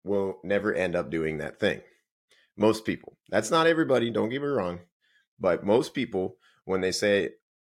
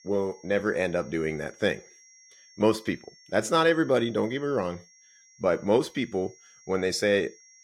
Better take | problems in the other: first | high-pitched whine; faint; throughout; 5.5 kHz, 25 dB below the speech

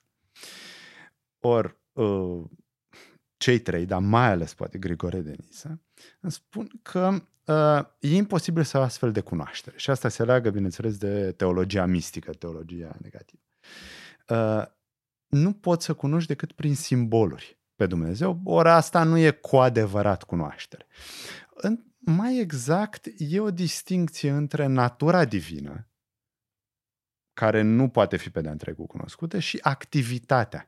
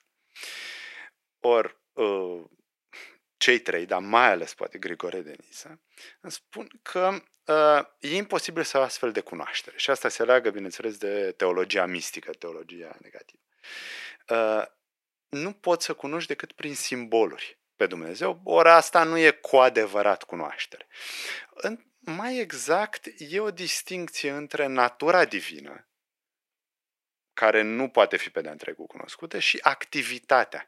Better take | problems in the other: first | thin; very; fading below 400 Hz

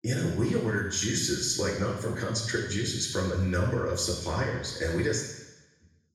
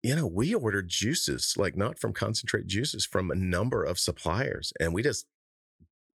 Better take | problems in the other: second | room echo; noticeable; dies away in 1 s // off-mic speech; far

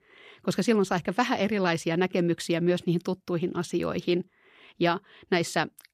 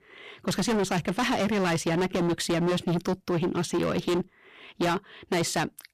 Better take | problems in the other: first | distortion; heavy; 22% of the sound clipped

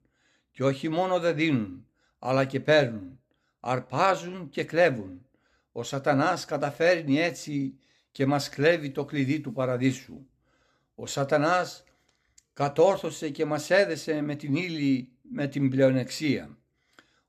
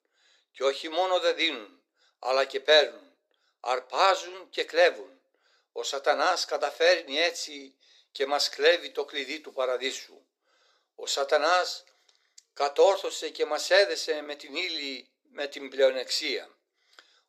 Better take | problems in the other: first | thin; very; fading below 400 Hz

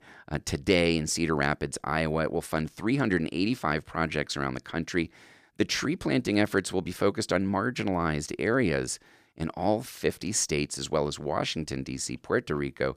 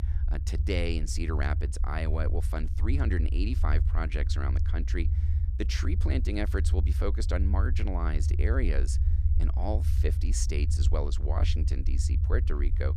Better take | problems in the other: first | low rumble; loud; throughout; 9 dB below the speech

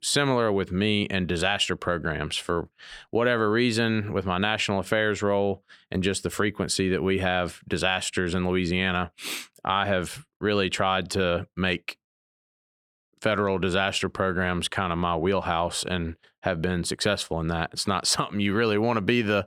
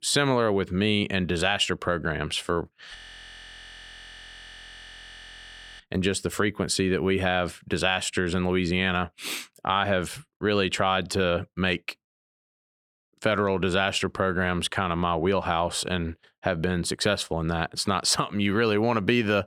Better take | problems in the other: first | audio freezing; at 3 s for 3 s

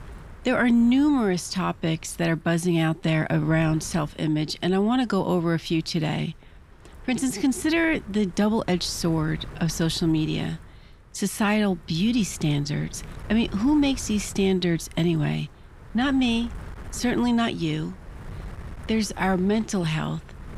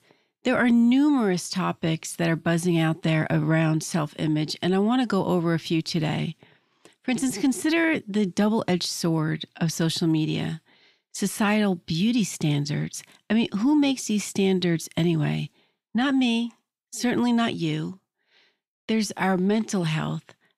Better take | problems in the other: second | wind noise on the microphone; occasional gusts; 20 dB below the speech

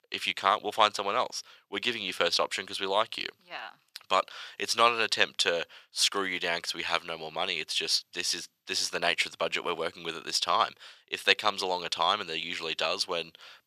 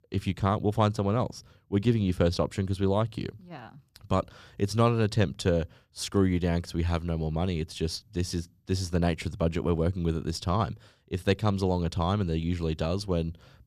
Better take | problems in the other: second | thin; very; fading below 800 Hz

